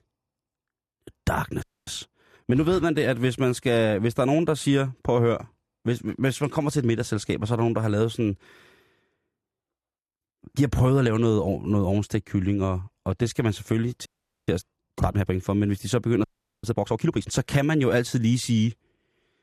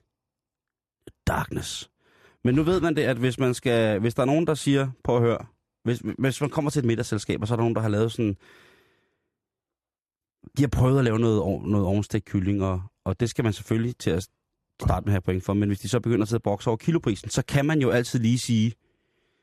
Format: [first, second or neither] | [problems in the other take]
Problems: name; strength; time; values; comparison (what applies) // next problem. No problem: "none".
second | audio freezing; at 1.5 s, at 14 s and at 16 s